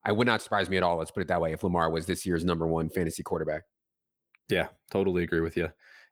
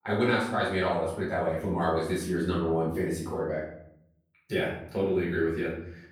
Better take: first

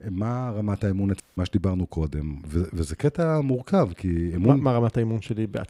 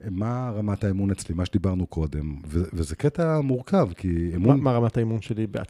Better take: second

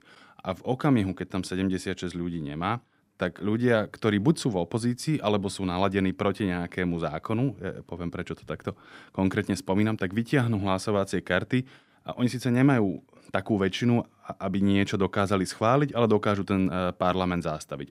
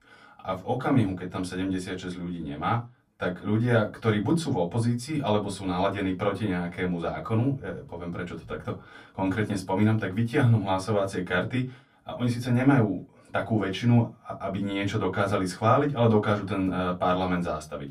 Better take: first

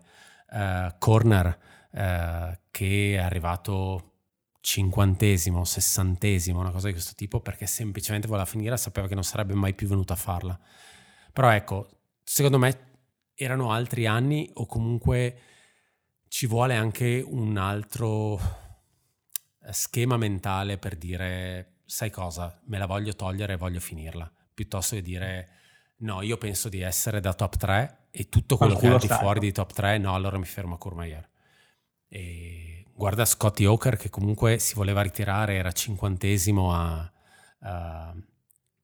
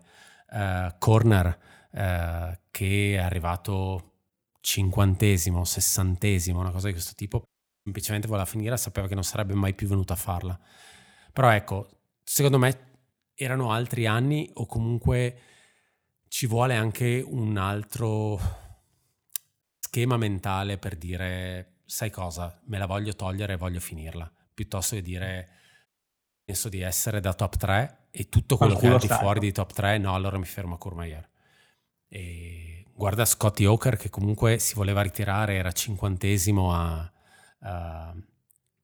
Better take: first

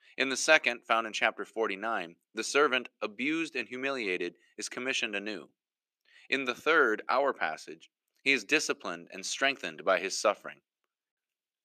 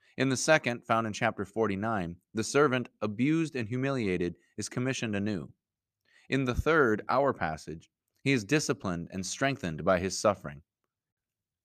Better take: second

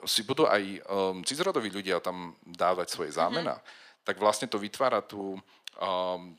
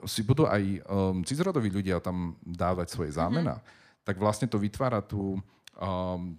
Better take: second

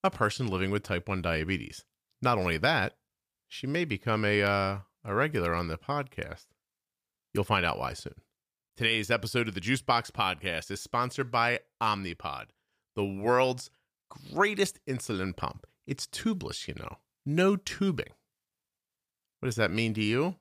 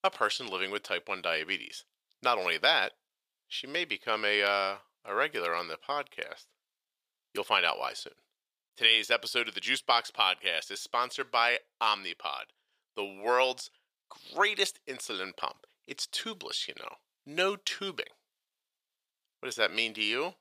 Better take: first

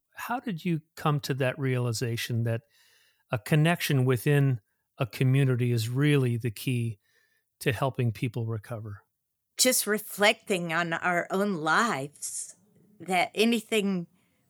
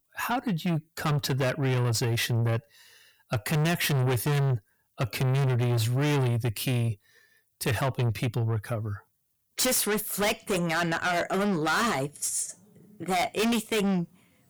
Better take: first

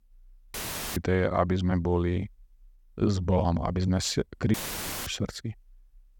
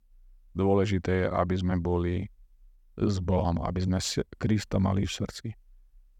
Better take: second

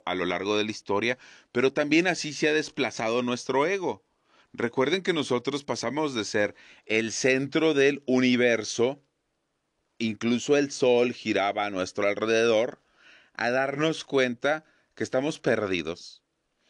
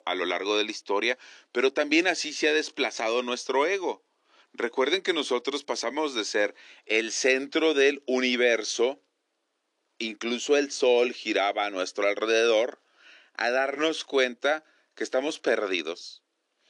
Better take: first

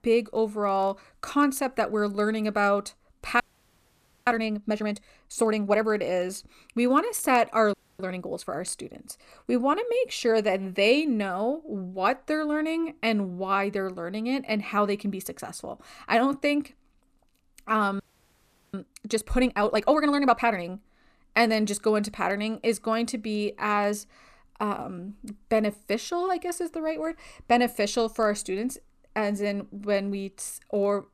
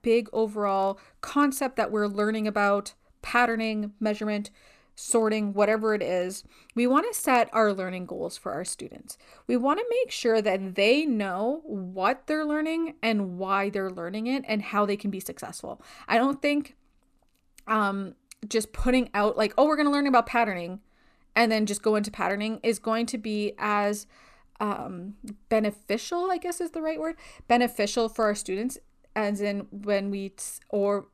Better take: second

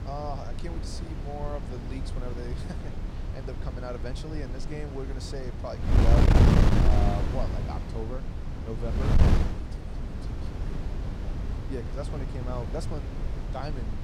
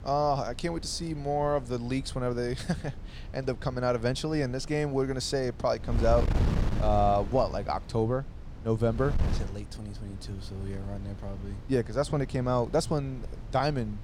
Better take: second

